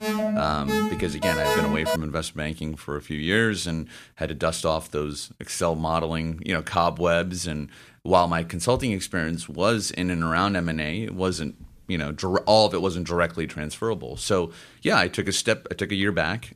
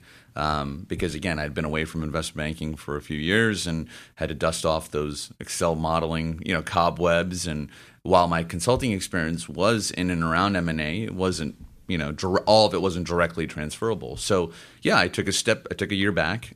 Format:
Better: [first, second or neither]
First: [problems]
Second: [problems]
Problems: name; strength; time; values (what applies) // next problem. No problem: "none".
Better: second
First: alarm; loud; until 2 s; peak 2 dB above the speech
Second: none